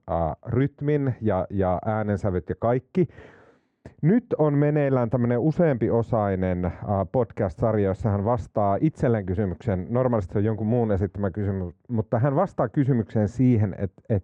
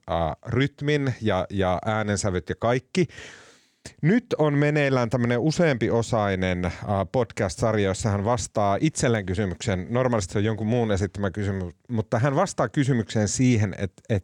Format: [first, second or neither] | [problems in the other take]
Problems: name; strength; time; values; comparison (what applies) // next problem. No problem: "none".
second | muffled; very; fading above 2.5 kHz